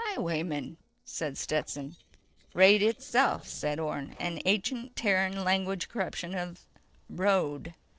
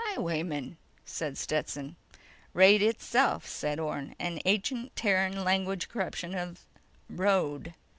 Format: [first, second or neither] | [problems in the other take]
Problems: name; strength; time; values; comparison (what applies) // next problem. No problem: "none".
second | noise reduction (neural separator model SepFormer DNS4)